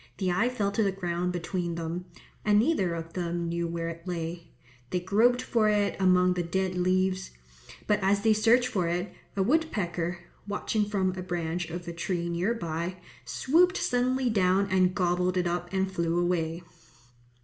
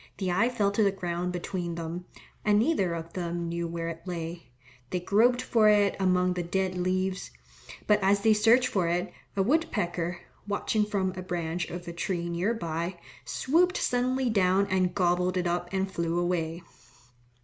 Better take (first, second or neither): second